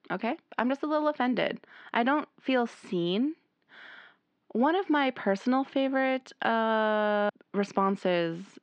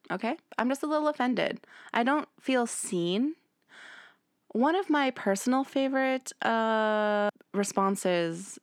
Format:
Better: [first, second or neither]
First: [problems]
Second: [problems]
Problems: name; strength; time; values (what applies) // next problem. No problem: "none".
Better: second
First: muffled; slightly; fading above 4.5 kHz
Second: none